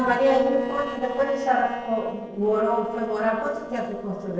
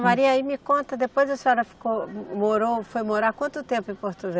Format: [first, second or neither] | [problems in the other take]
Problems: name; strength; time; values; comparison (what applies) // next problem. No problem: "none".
second | noise reduction (neural separator model SepFormer DNS4)